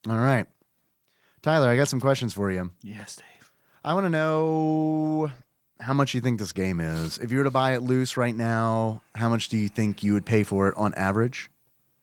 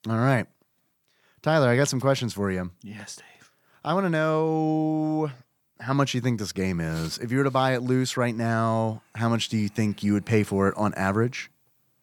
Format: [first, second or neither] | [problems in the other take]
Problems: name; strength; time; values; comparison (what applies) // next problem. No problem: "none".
second | garbled, watery; slightly; nothing above 18.5 kHz